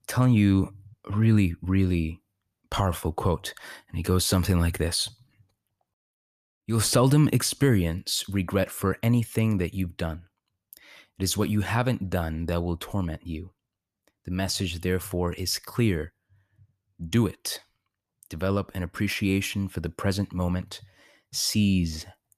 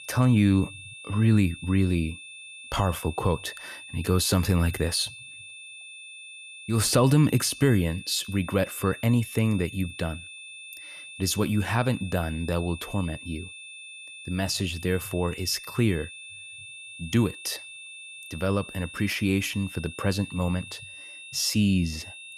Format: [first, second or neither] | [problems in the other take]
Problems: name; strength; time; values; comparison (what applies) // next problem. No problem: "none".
first | high-pitched whine; noticeable; throughout; 2.5 kHz, 15 dB below the speech